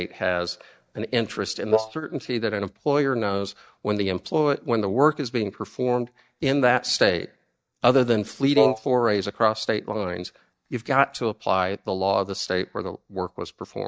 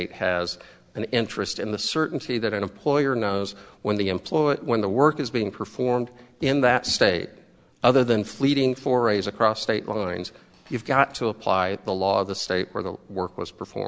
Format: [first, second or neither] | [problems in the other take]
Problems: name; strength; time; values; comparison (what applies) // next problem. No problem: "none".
second | noise reduction (neural mask model DeepFilterNet 3)